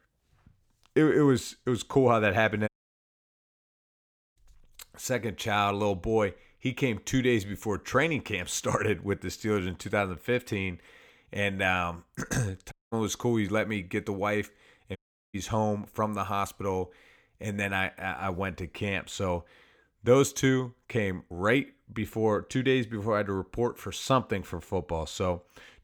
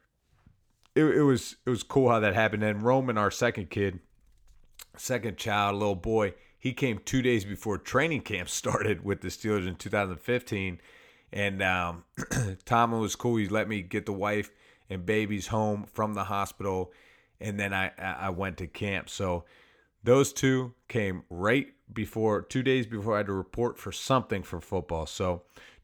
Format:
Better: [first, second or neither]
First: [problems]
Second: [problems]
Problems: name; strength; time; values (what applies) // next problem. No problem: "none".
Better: second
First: audio cutting out; at 2.5 s for 1.5 s, at 13 s and at 15 s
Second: none